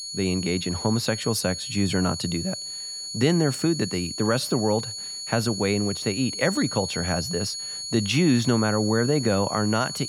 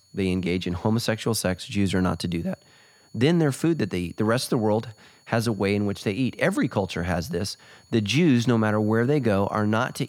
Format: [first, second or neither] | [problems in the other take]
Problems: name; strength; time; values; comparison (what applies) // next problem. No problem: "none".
second | high-pitched whine; loud; throughout; 4.5 kHz, 6 dB below the speech; faint in the second